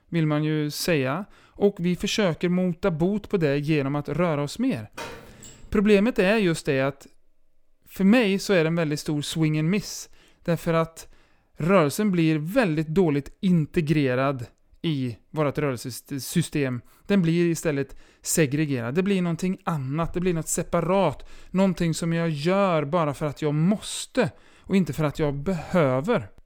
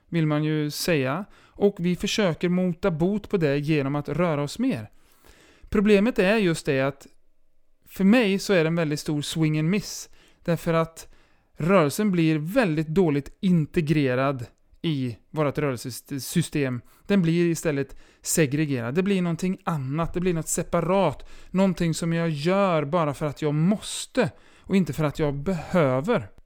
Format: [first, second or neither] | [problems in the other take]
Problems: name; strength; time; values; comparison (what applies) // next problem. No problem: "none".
second | door banging; faint; at 5 s; peak 15 dB below the speech